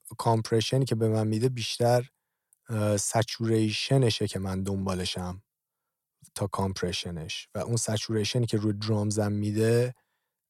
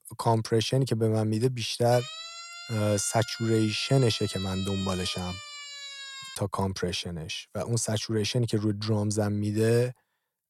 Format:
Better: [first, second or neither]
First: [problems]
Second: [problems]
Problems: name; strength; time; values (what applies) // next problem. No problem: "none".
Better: first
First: none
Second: siren; noticeable; from 2 to 6.5 s; peak 10 dB below the speech